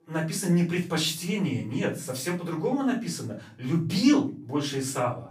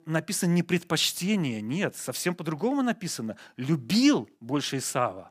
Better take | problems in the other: second | off-mic speech; far // room echo; slight; dies away in 0.4 s

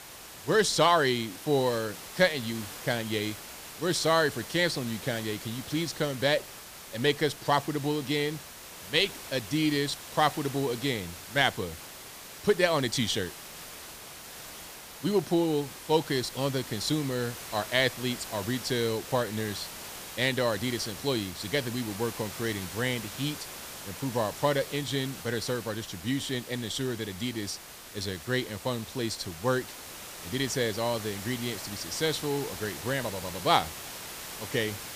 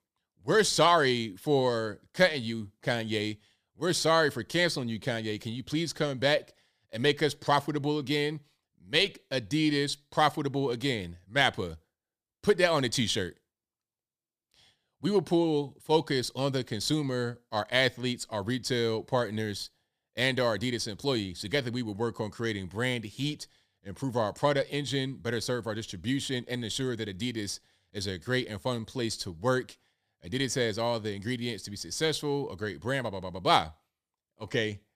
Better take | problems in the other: second | hiss; noticeable; throughout; 10 dB below the speech

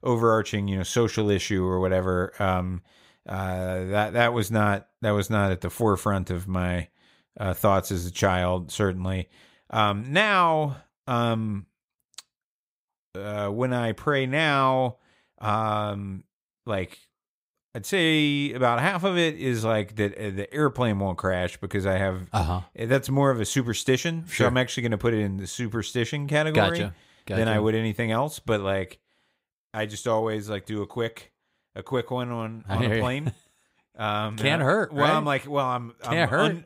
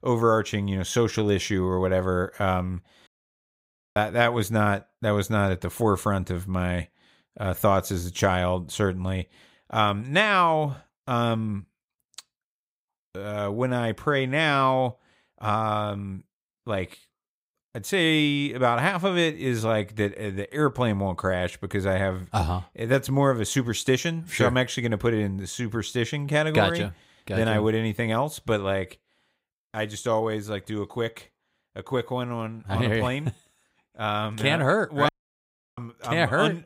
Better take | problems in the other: first | audio cutting out; at 3 s for 1 s and at 35 s for 0.5 s

